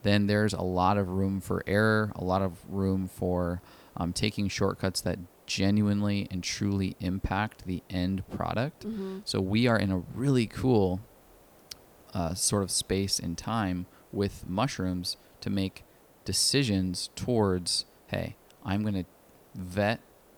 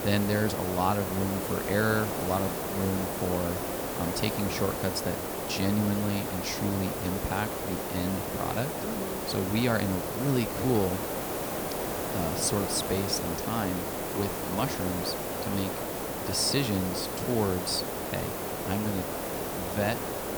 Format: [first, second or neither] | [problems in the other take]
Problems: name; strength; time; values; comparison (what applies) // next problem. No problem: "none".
first | hiss; loud; throughout; 1 dB below the speech; faint in the first